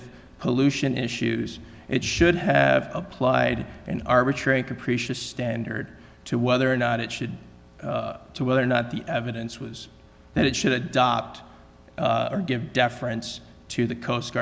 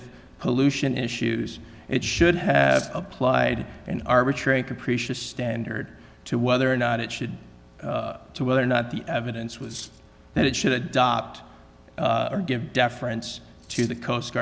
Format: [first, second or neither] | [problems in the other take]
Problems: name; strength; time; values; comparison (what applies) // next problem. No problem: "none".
first | background sound (Cutlery, silverware); 18 dB below the speech